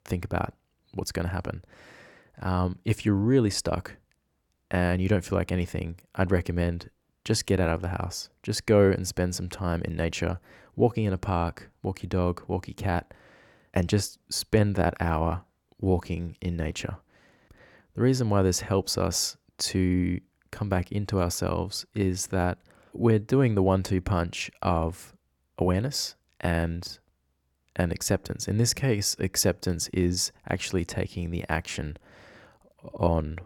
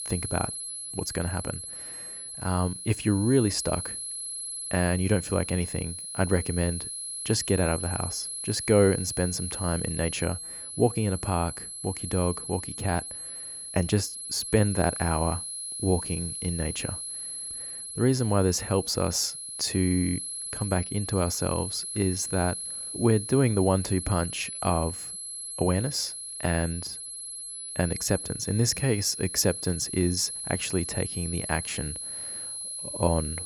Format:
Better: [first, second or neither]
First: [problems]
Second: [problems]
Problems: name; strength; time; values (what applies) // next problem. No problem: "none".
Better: first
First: none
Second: high-pitched whine; loud; throughout; 11 kHz, 6 dB below the speech